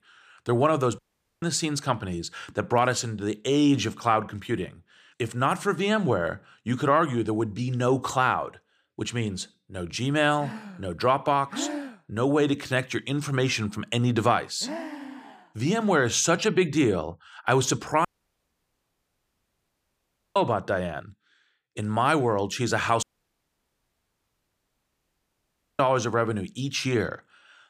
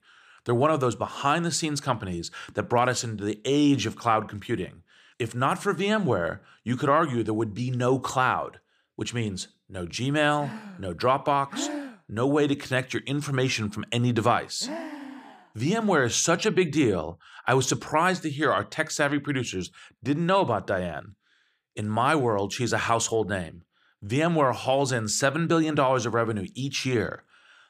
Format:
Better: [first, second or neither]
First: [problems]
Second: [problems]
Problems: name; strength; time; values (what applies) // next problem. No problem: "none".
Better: second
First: audio cutting out; at 1 s, at 18 s for 2.5 s and at 23 s for 3 s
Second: none